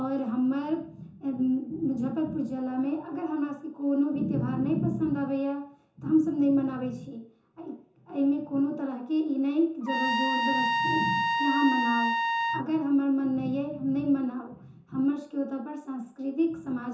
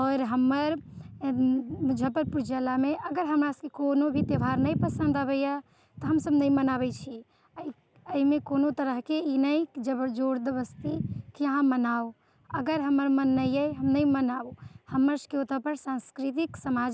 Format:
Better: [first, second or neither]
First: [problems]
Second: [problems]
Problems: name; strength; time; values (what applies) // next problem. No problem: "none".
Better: second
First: background sound (Trumpet); 1 dB above the speech // room echo; dies away in 0.6 s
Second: none